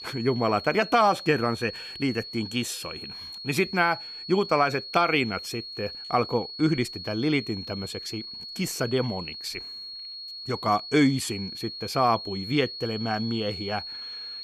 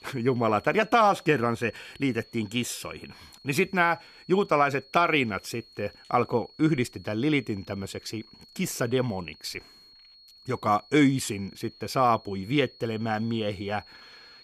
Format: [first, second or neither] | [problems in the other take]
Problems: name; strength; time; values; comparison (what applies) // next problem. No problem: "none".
second | high-pitched whine; loud; throughout; 4.5 kHz, 9 dB below the speech; faint in the second